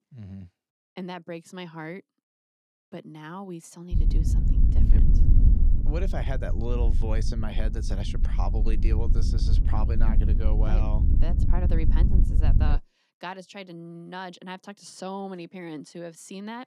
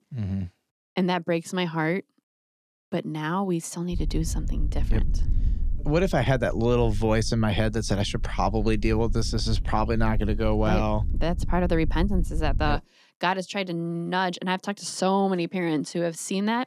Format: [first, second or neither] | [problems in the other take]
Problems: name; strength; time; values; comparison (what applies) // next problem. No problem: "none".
second | wind noise on the microphone; heavy; from 4 to 13 s; 4 dB below the speech; occasional gusts in the second